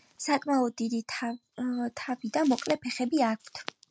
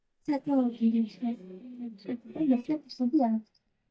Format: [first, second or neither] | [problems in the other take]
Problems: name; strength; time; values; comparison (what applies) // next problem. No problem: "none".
first | noise reduction (neural mask model DeepFilterNet 3)